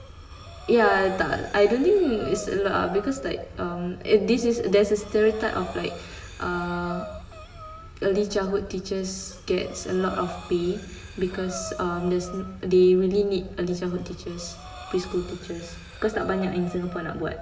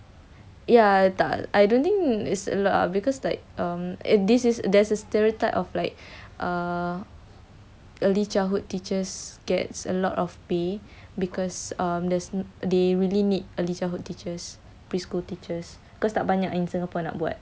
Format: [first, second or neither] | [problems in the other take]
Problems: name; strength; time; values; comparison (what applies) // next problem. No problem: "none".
second | background sound (Breathing); 19 dB below the speech // room echo; dies away in 1 s